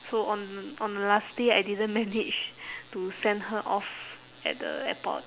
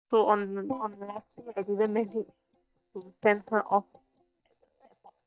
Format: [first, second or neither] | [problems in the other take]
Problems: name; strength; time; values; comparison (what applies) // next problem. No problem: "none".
first | noise reduction (neural mask model DeepFilterNet 3)